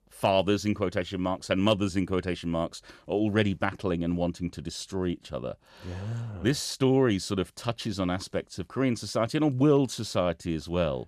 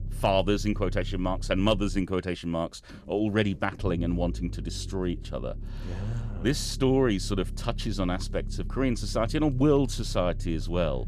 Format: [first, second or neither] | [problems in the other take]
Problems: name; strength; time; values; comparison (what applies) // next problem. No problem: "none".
first | low rumble; faint; throughout; 20 dB below the speech